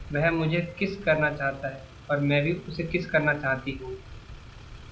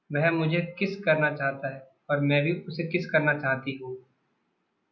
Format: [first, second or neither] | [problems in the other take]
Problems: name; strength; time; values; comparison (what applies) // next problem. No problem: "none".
second | background sound (Motor vehicle (road)); 16 dB below the speech